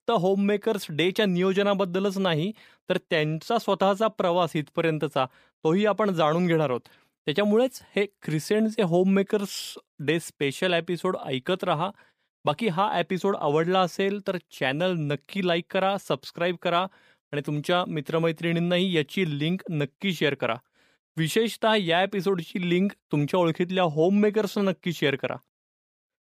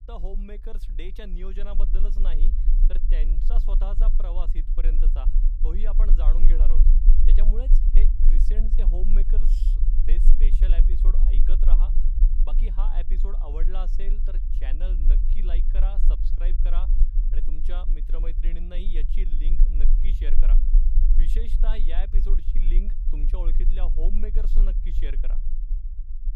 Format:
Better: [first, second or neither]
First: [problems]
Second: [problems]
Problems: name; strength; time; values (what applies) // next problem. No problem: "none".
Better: first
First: none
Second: low rumble; loud; throughout; 7 dB below the speech